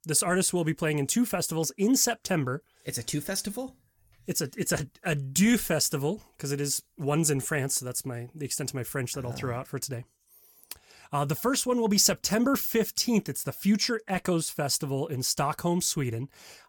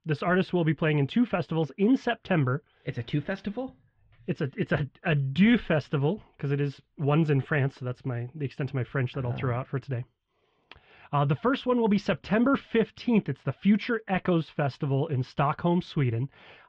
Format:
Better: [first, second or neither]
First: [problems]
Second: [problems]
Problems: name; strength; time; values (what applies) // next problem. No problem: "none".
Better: first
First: none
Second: muffled; very; fading above 3.5 kHz